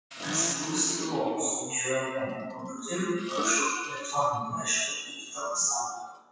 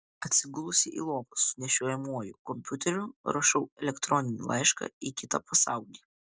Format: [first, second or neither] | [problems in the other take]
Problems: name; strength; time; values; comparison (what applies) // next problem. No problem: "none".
second | noise reduction (classical method WPE with log-MMSE)